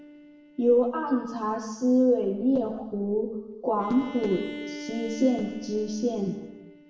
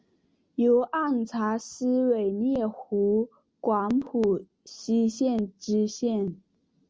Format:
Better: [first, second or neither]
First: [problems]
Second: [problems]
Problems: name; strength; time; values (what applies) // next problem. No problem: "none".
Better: second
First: background sound (Bowed string instrument); 16 dB below the speech // room echo; dies away in 1.1 s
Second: none